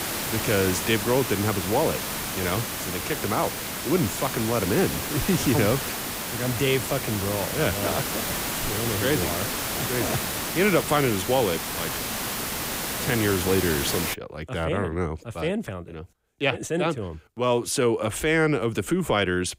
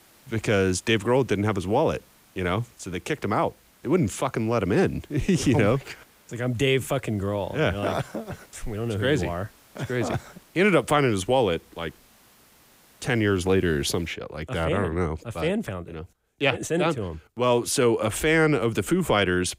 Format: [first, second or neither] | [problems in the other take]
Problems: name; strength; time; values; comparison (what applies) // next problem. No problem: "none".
second | hiss; loud; until 14 s; 2 dB below the speech; faint in the second